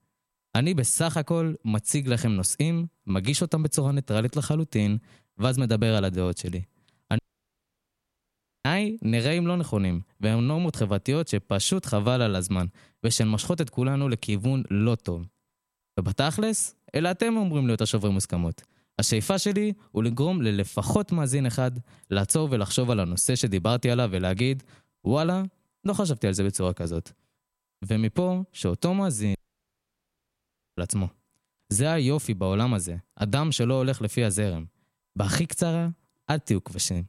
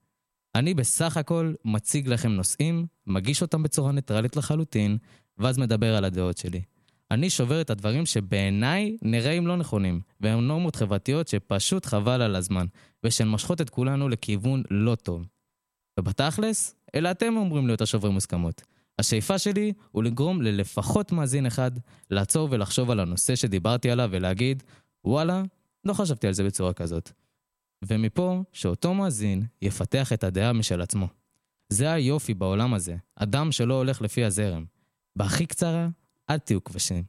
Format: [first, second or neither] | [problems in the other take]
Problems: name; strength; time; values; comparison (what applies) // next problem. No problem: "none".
second | audio cutting out; at 7 s for 1.5 s and at 29 s for 1.5 s